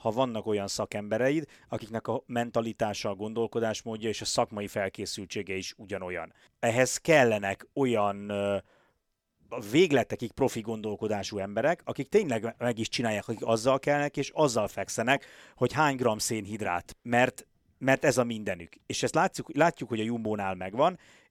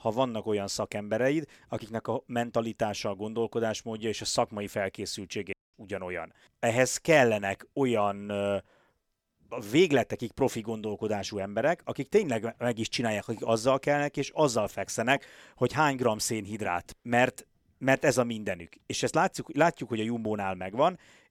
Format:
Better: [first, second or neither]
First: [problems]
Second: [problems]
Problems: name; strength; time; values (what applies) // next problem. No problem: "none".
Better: first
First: none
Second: audio cutting out; at 5.5 s